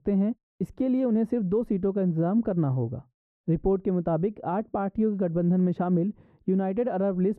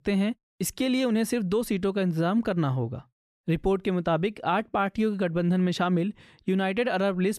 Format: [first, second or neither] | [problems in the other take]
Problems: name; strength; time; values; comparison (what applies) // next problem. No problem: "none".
second | muffled; very; fading above 1.5 kHz